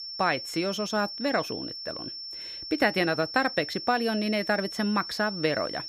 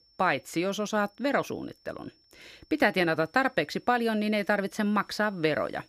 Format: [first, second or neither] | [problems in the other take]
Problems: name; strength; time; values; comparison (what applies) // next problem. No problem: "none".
second | high-pitched whine; loud; throughout; 5.5 kHz, 8 dB below the speech; faint in the second